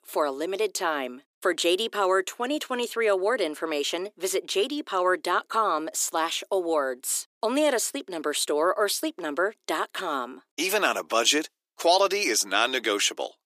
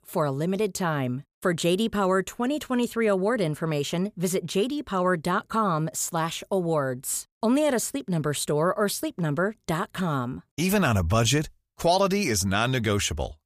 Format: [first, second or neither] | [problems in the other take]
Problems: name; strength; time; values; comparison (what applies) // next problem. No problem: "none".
second | thin; somewhat; fading below 300 Hz